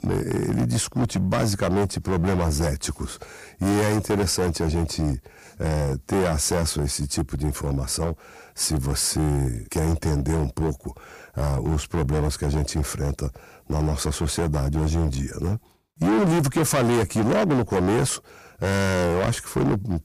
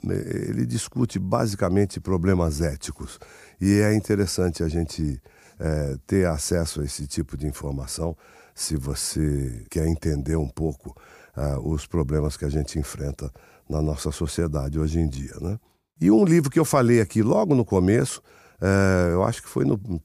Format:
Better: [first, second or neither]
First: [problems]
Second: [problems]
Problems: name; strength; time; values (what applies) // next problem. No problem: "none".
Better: second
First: distortion; heavy; 15% of the sound clipped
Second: none